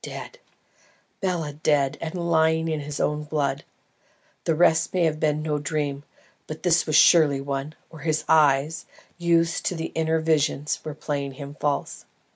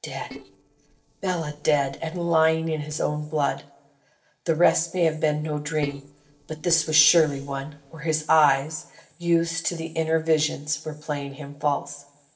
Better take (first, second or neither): first